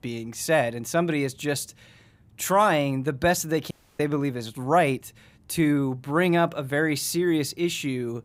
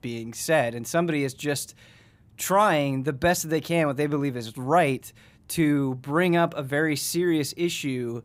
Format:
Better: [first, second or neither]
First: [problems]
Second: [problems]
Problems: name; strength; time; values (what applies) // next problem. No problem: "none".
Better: second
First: audio cutting out; at 3.5 s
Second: none